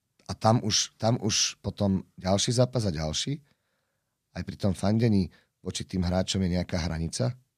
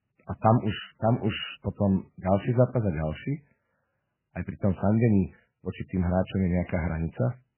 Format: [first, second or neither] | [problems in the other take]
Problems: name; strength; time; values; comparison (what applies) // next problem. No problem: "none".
first | garbled, watery; badly; nothing above 3 kHz